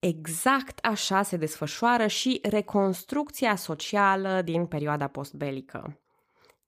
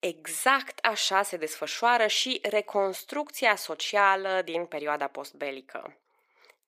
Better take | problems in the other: first | thin; somewhat; fading below 350 Hz

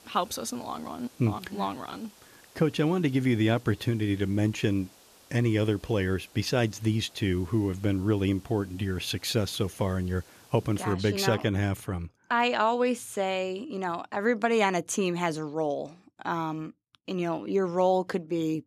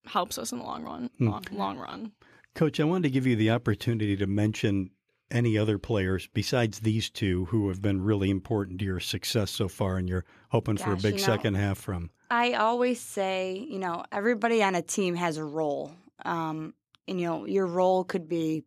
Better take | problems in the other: second | hiss; faint; until 11 s; 25 dB below the speech

